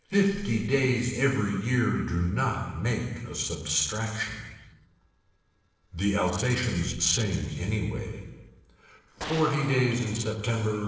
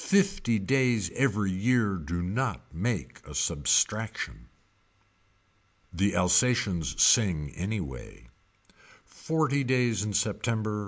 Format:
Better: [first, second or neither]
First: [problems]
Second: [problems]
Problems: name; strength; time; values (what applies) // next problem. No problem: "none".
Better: second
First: noise reduction (neural separator model SepFormer DNS4)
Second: none